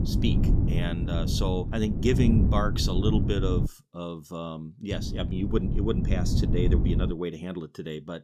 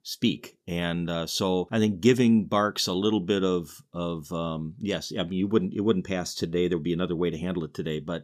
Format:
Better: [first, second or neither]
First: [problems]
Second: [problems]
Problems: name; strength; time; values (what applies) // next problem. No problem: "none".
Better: second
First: wind noise on the microphone; heavy; until 3.5 s and from 5 to 7 s; 5 dB below the speech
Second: none